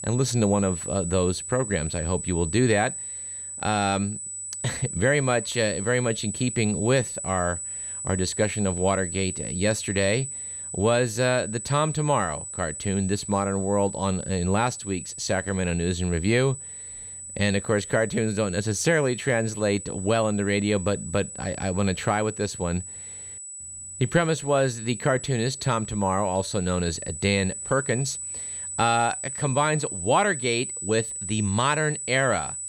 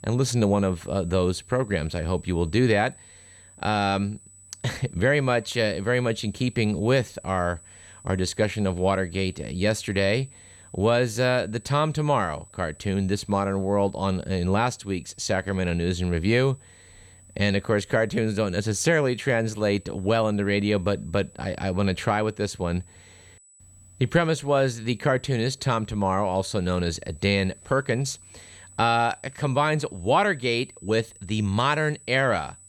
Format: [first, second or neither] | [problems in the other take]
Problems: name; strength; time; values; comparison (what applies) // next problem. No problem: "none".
second | high-pitched whine; loud; throughout; 8 kHz, 7 dB below the speech; faint in the second